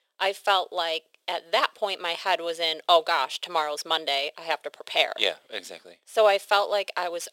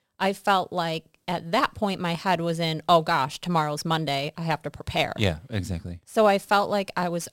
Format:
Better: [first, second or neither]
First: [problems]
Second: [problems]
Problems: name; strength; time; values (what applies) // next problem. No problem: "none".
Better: second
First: thin; very; fading below 400 Hz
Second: none